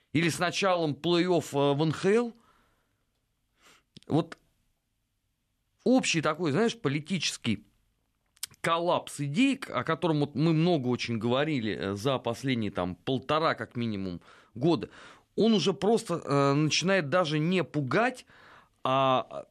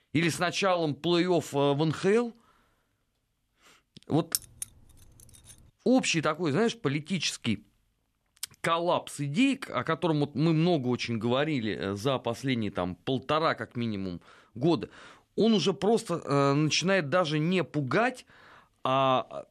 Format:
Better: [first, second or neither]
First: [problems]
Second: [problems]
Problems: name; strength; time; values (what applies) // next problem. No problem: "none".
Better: first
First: none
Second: jangling keys; very faint; at 4.5 s; peak 4 dB below the speech